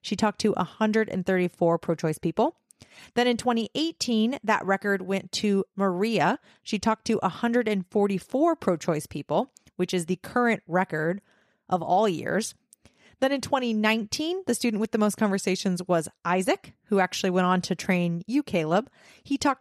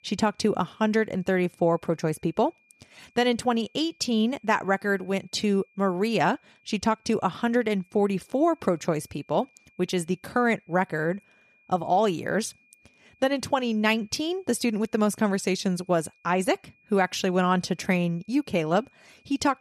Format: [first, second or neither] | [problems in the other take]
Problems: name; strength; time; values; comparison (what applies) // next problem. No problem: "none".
first | high-pitched whine; faint; throughout; 2.5 kHz, 35 dB below the speech